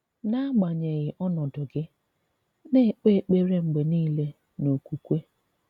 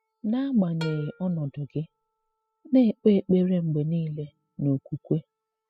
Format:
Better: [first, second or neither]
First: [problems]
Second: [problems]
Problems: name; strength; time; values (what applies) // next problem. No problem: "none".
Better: first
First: none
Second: noise reduction (classical method spectral subtraction)